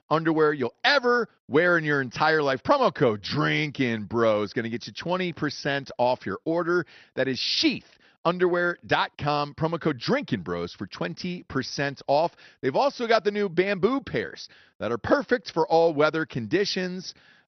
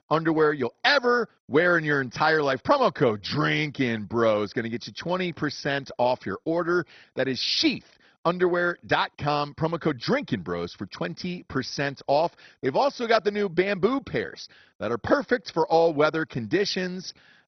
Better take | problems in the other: first | garbled, watery; badly; nothing above 5.5 kHz; slightly in the first

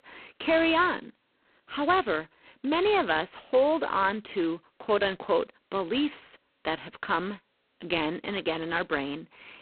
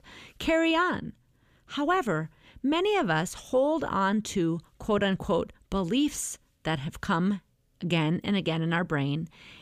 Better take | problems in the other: second | phone-call audio; poor line; nothing above 4 kHz

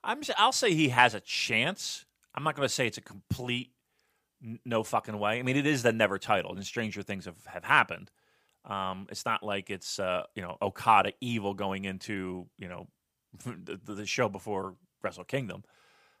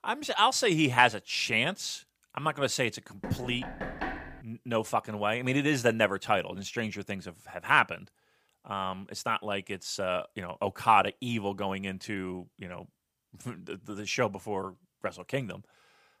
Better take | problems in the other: first | door banging; noticeable; from 3 to 4.5 s; peak 7 dB below the speech

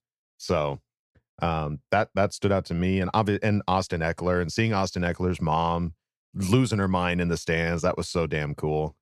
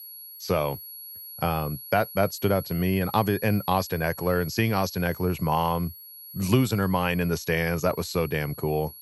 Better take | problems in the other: first | high-pitched whine; noticeable; throughout; 11.5 kHz, 15 dB below the speech

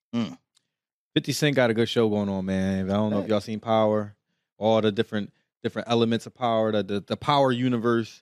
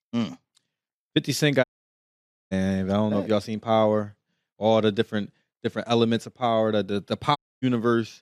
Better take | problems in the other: first | audio cutting out; at 1.5 s for 1 s and at 7.5 s

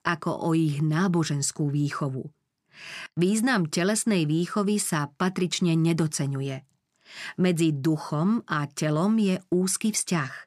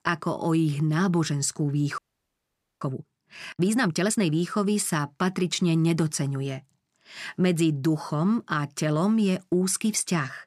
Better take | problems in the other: first | audio freezing; at 2 s for 1 s

